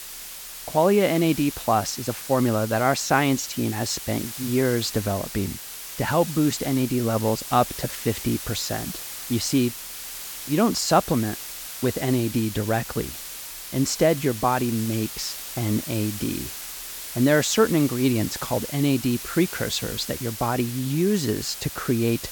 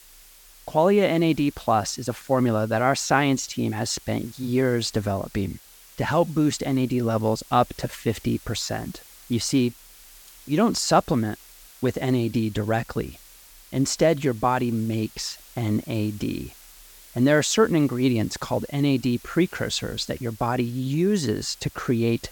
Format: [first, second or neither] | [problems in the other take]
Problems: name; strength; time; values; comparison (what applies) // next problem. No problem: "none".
second | hiss; loud; throughout; 9 dB below the speech; faint in the second